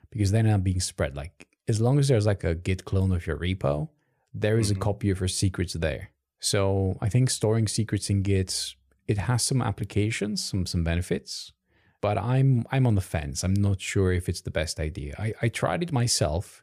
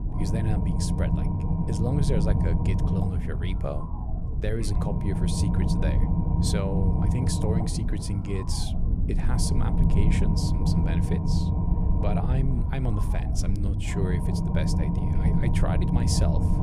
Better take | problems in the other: first | low rumble; loud; throughout; as loud as the speech

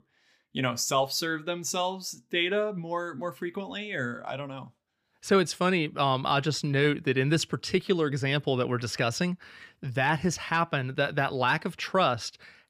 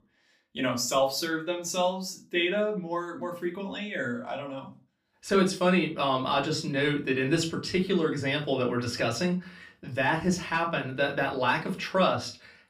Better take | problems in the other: first | off-mic speech; far // room echo; very slight; dies away in 0.3 s

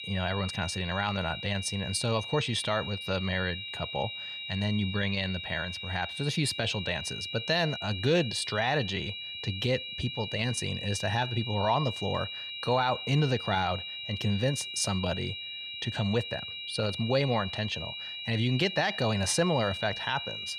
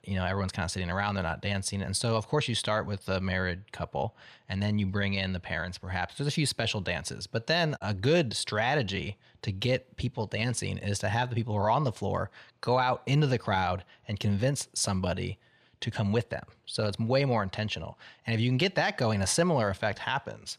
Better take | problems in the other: second | high-pitched whine; loud; throughout; 4 kHz, 6 dB below the speech

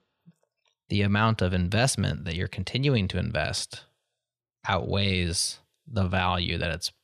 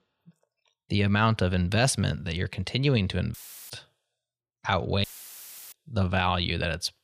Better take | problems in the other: first | audio cutting out; filled with static; at 3.5 s and at 5 s for 0.5 s

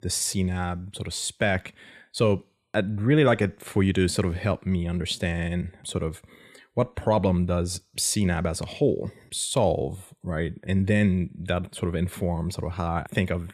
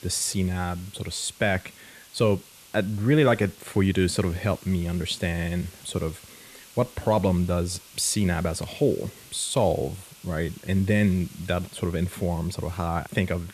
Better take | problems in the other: first | hiss; faint; throughout; 20 dB below the speech

